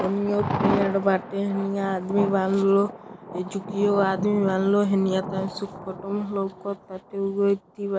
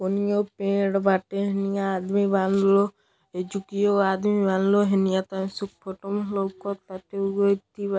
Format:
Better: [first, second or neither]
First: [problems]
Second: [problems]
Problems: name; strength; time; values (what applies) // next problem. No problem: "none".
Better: second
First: background sound (Thunder); 8 dB below the speech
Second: none